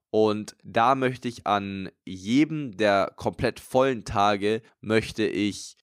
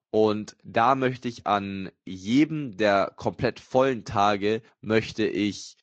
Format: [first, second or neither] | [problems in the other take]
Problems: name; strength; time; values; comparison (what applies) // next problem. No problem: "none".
first | garbled, watery; slightly